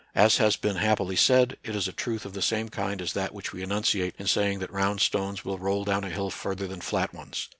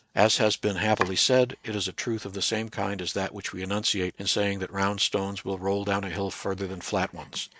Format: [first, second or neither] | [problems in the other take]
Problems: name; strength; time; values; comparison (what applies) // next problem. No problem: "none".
first | noise reduction (neural mask model RNNoise)